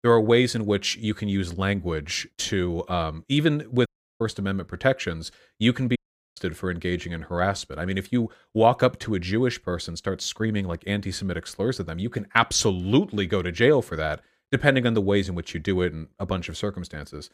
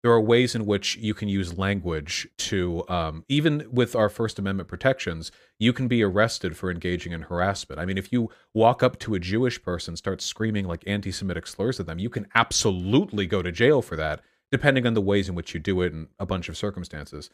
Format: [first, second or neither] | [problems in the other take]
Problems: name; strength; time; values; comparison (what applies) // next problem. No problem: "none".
second | audio cutting out; at 4 s and at 6 s